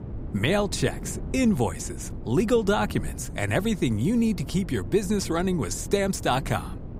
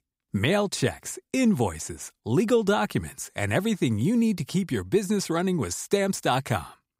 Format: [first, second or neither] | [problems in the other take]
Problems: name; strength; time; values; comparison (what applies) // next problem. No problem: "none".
second | wind noise on the microphone; occasional gusts; 20 dB below the speech